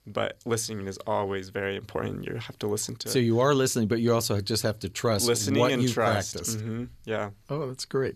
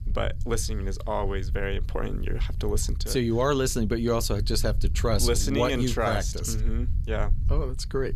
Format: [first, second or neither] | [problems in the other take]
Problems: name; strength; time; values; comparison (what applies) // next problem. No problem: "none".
first | low rumble; faint; throughout; 20 dB below the speech